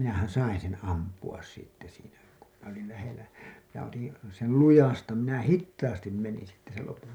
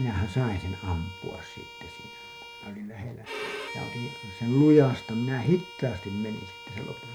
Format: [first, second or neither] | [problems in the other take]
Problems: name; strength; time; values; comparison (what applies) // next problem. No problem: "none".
first | background sound (Bowed string instrument); 14 dB below the speech